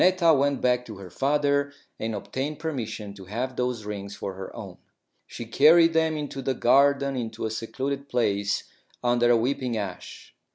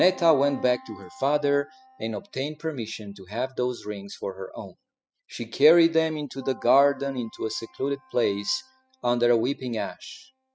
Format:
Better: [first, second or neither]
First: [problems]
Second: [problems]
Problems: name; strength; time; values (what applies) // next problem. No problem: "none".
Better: first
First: none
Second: noise reduction (classical method spectral subtraction)